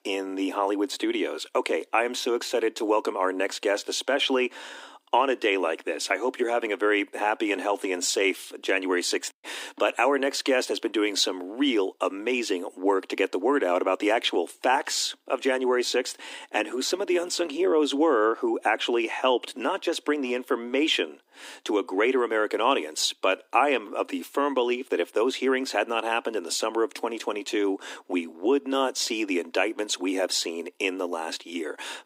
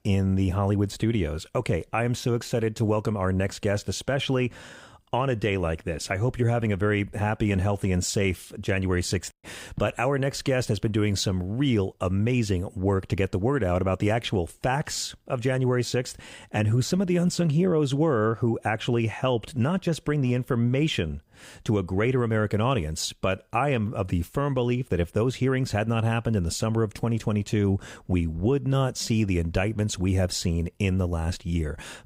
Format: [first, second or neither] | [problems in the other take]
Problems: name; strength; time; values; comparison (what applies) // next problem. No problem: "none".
second | thin; somewhat; fading below 250 Hz